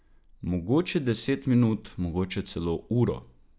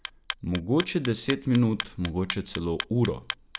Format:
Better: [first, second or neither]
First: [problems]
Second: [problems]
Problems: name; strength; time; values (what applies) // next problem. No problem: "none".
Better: first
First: none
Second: background sound (Clock); 10 dB below the speech